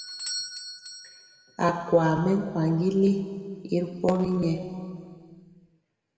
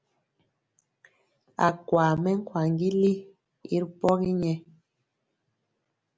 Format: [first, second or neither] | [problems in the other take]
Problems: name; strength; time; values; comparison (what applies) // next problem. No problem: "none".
second | background sound (Bell / Doorbell); 16 dB below the speech // room echo; dies away in 2 s